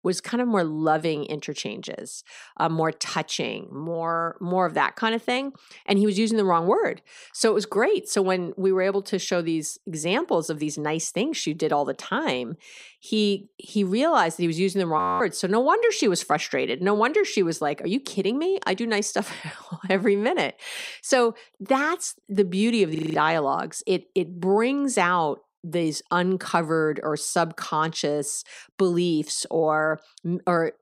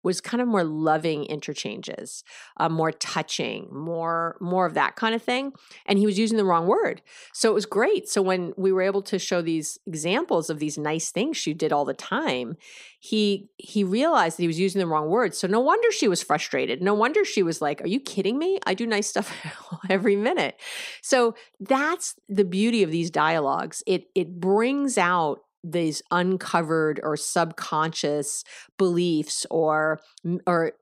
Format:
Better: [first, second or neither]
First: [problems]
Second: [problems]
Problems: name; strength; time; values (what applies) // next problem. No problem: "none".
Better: second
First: audio freezing; at 15 s and at 23 s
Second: none